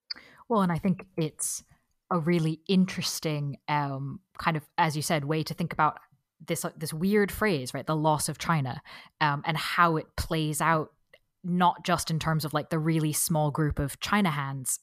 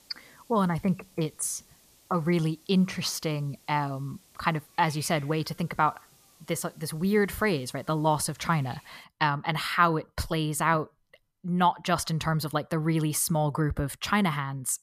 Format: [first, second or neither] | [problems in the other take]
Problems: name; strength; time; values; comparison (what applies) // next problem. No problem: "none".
first | hiss; faint; until 9 s; 25 dB below the speech